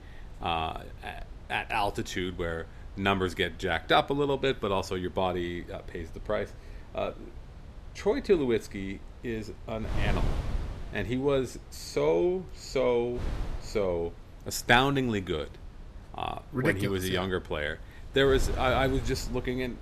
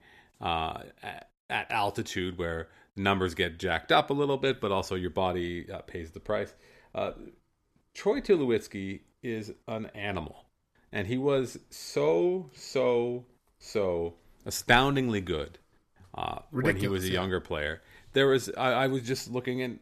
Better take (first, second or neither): second